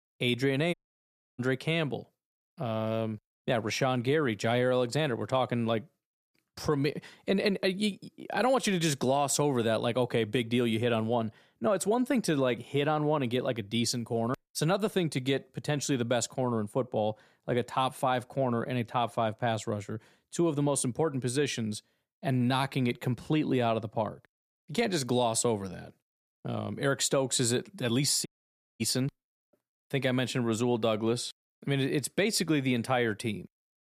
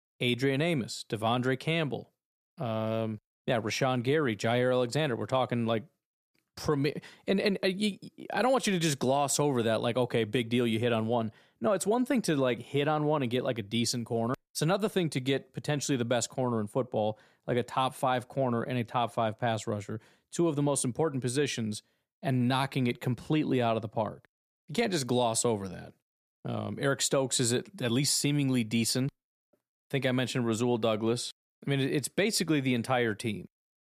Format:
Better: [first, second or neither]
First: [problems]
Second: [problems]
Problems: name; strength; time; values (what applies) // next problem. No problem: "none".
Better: second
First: audio cutting out; at 0.5 s for 0.5 s and at 28 s for 0.5 s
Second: none